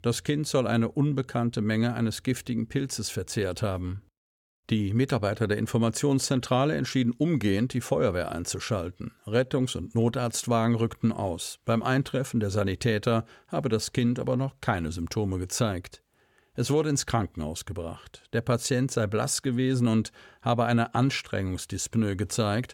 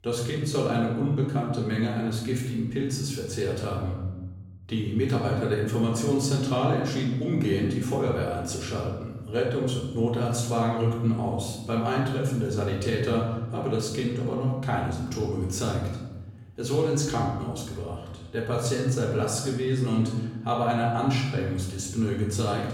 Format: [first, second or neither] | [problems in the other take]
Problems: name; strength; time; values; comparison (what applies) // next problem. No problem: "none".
first | off-mic speech; far // room echo; noticeable; dies away in 1.1 s